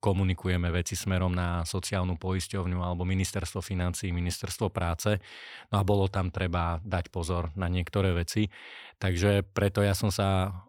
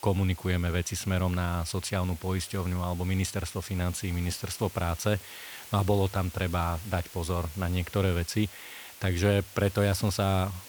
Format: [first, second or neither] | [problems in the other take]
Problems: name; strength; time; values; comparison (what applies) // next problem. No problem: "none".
first | hiss; noticeable; throughout; 15 dB below the speech